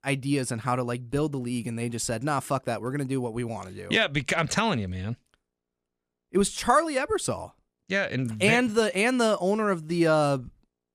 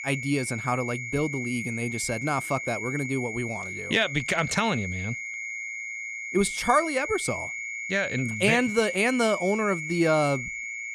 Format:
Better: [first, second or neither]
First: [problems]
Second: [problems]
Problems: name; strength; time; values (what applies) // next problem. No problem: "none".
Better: first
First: none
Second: high-pitched whine; loud; throughout; 2 kHz, 6 dB below the speech